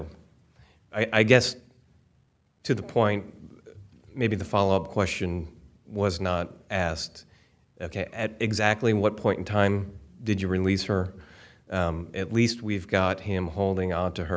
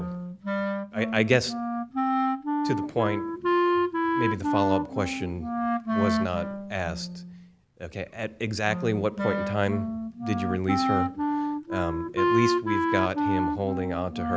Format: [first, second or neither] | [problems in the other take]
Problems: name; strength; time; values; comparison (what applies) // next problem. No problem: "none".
first | background sound (Wind instrument, woodwind instrument); 2 dB above the speech